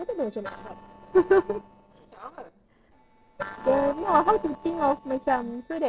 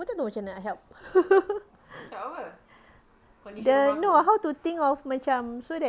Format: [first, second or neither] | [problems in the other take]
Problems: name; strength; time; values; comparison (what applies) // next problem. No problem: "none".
second | noise reduction (neural separator model SepFormer DNS4)